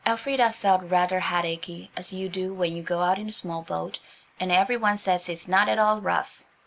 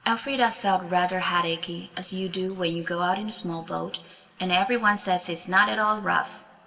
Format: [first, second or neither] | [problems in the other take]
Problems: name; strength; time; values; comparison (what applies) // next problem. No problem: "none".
first | room echo; dies away in 1.3 s